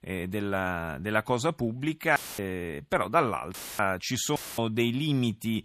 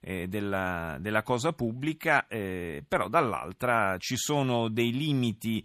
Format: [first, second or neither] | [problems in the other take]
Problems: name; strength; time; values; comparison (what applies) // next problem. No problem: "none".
second | audio cutting out; filled with static; at 2 s, at 3.5 s and at 4.5 s